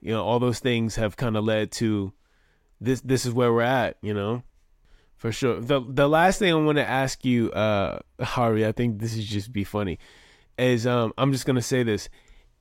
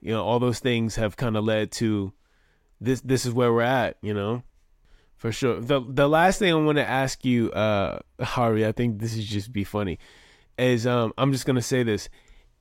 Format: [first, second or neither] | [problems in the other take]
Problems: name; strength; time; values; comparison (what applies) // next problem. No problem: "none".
neither | none